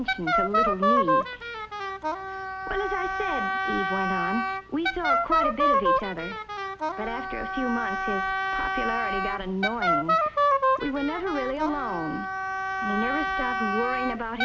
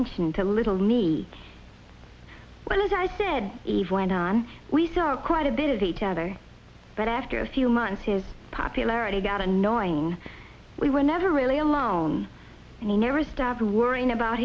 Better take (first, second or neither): second